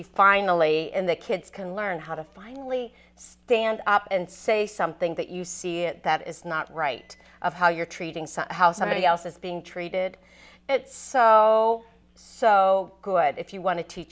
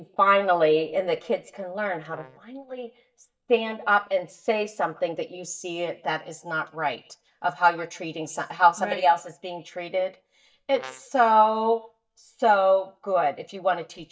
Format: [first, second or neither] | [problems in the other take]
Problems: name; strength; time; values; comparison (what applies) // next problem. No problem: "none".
first | noise reduction (neural mask model DeepFilterNet 3)